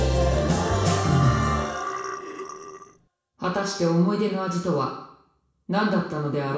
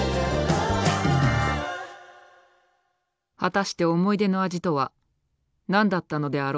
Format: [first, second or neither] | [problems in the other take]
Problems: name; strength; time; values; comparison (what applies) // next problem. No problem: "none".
second | background sound (Burping, eructation); 9 dB below the speech // room echo; dies away in 0.7 s